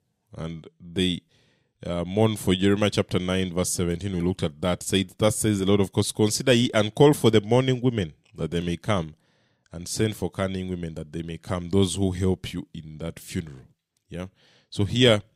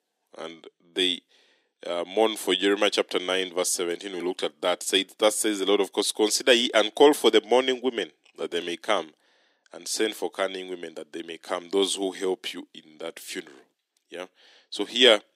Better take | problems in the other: first | thin; somewhat; fading below 300 Hz

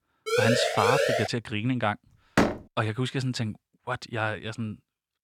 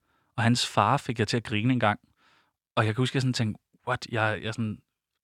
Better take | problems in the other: second | siren; loud; until 1.5 s; peak 6 dB above the speech // door banging; loud; at 2.5 s; peak 4 dB above the speech

